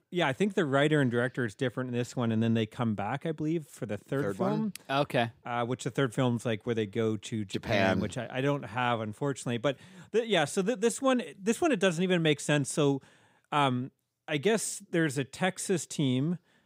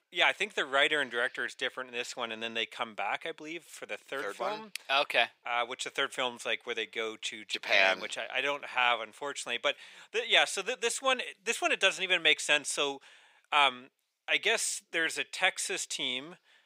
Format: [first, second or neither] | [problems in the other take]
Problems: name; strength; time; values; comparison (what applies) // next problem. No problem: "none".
first | thin; very; fading below 700 Hz